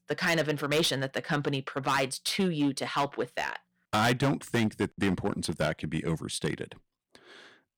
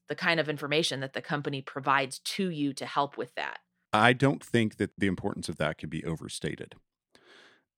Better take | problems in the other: second | distortion; heavy; 7% of the sound clipped

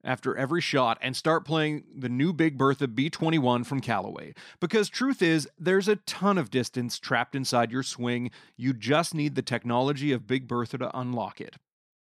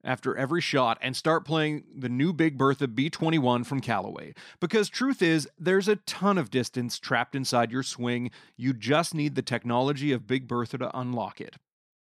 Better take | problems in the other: neither | none

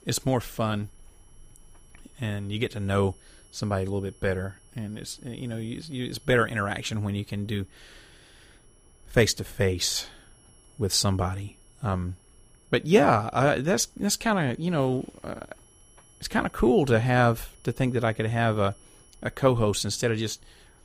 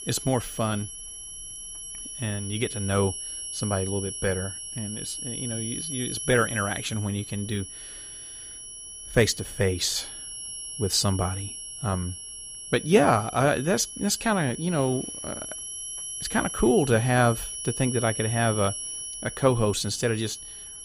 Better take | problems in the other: first | high-pitched whine; loud; throughout; 10.5 kHz, 8 dB below the speech; faint in the first

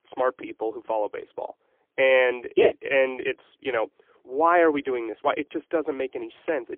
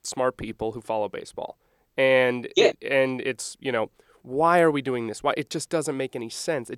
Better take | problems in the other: second | phone-call audio; poor line; nothing above 3.5 kHz

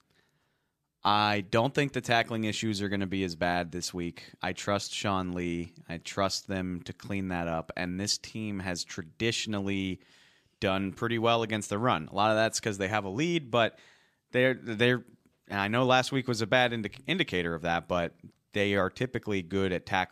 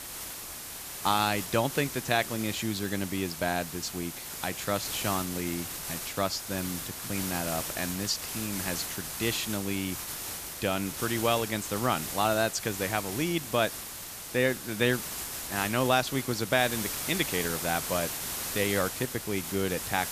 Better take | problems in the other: first | hiss; loud; throughout; 4 dB below the speech

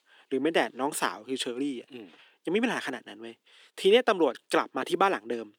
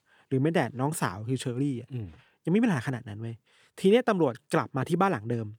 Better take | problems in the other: second | thin; somewhat; fading below 300 Hz

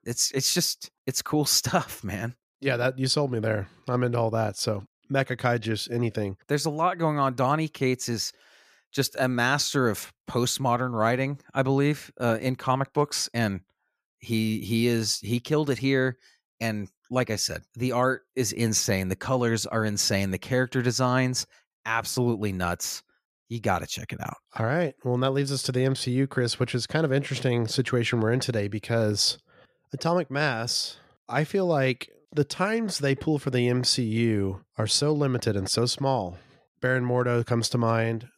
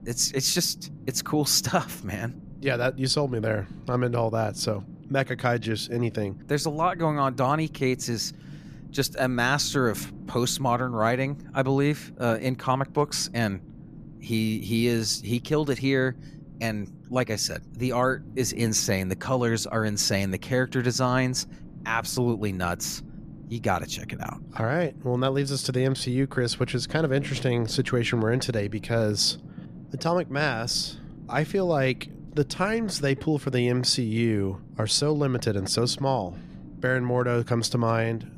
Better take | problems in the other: first | low rumble; faint; throughout; 25 dB below the speech

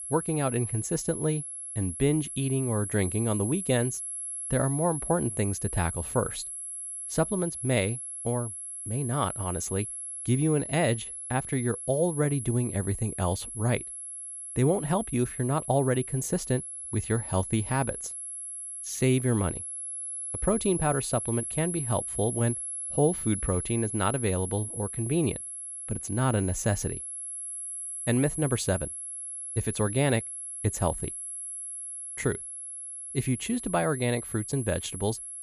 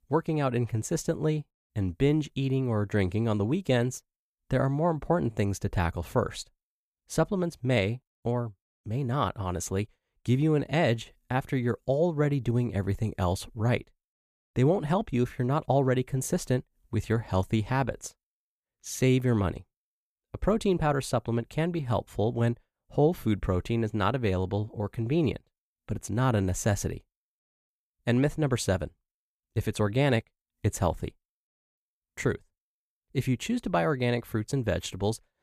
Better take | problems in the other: second | high-pitched whine; loud; throughout; 11 kHz, 5 dB below the speech

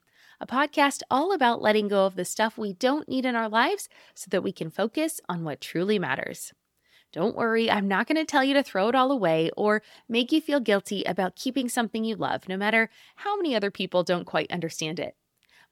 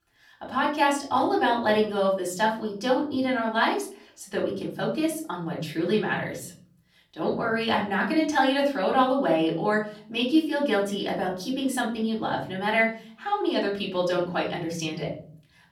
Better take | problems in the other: first | off-mic speech; far // room echo; slight; dies away in 0.7 s

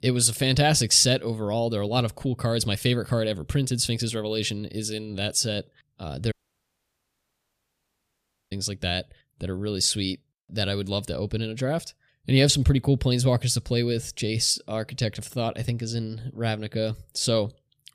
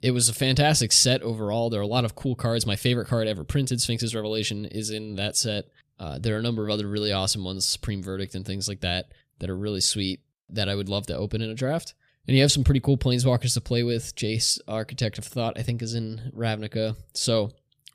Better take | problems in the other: second | audio cutting out; at 6.5 s for 2 s

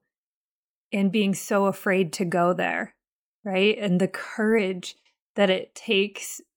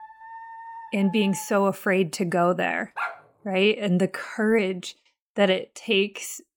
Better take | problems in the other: first | dog barking; faint; until 1.5 s; peak 15 dB below the speech // dog barking; noticeable; at 3 s; peak 8 dB below the speech

